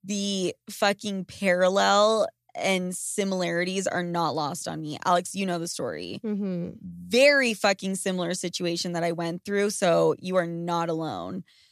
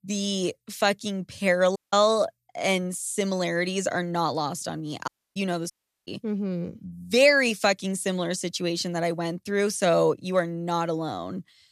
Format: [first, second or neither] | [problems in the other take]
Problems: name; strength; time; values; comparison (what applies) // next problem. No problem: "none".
first | audio cutting out; at 2 s, at 5 s and at 5.5 s